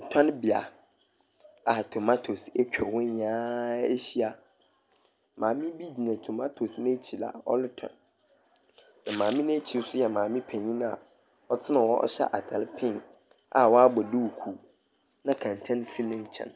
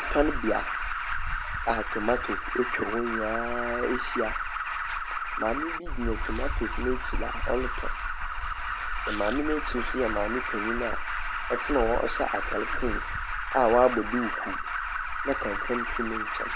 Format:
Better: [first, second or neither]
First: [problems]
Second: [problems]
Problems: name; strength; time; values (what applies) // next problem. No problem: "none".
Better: first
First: none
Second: background sound (Alarm); as loud as the speech